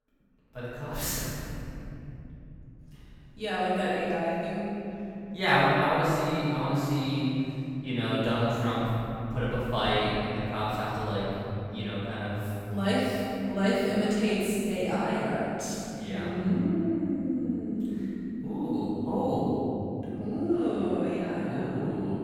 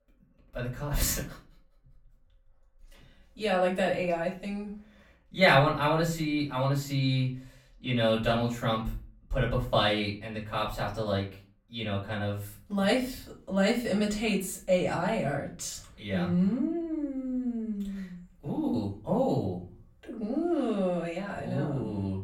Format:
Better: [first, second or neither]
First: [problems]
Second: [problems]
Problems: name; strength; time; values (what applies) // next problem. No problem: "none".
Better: second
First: room echo; strong; dies away in 3 s // off-mic speech; far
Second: room echo; slight; dies away in 0.3 s // off-mic speech; far